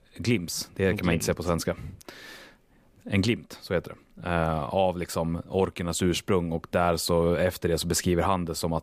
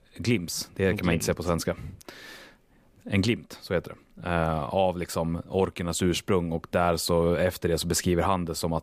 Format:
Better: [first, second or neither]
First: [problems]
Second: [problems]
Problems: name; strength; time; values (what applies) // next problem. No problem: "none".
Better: neither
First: none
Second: none